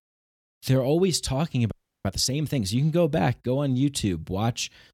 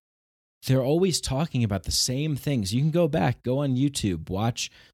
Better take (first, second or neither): second